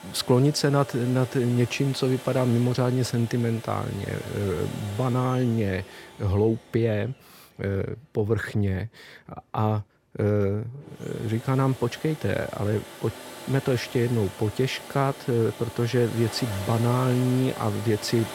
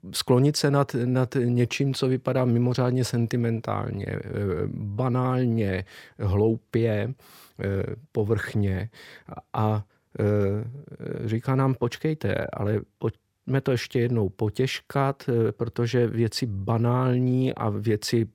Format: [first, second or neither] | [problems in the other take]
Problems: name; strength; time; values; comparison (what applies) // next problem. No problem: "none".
second | household noises; noticeable; throughout; 15 dB below the speech